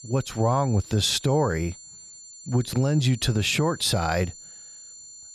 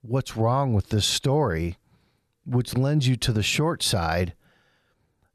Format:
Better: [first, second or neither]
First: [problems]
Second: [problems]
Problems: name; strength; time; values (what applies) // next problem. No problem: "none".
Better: second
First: high-pitched whine; noticeable; throughout; 7 kHz, 20 dB below the speech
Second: none